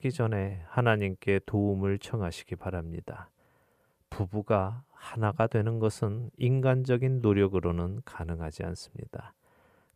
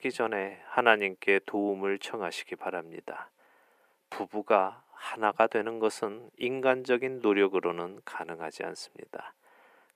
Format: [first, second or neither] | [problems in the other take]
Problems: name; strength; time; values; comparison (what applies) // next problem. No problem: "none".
first | thin; very; fading below 250 Hz